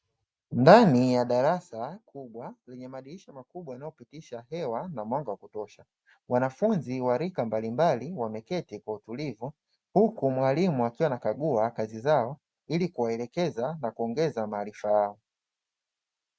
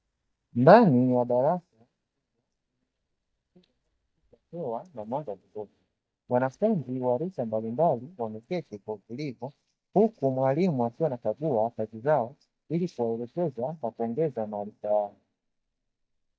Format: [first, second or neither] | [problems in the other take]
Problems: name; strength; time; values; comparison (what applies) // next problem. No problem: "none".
first | noise reduction (neural mask model DeepFilterNet 3)